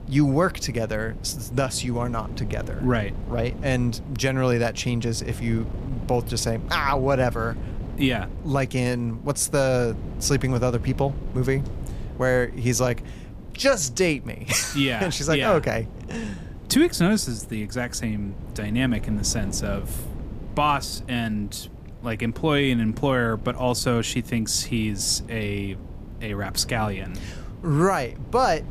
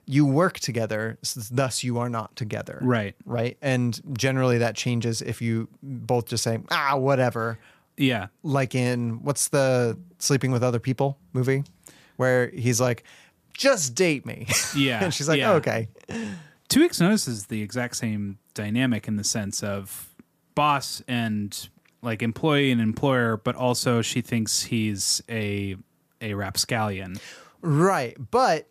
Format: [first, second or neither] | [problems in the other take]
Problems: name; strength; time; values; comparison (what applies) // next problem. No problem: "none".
second | wind noise on the microphone; occasional gusts; 20 dB below the speech